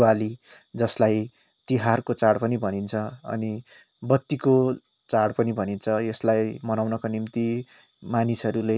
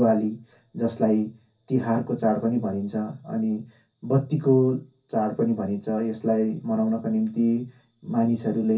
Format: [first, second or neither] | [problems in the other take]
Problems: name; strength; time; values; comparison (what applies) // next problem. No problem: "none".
first | room echo; dies away in 0.3 s